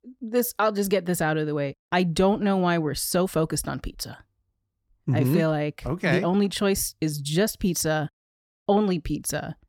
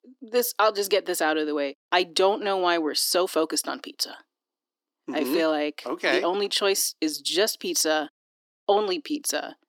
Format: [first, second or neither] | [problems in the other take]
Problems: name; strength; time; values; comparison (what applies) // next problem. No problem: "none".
first | thin; somewhat; fading below 300 Hz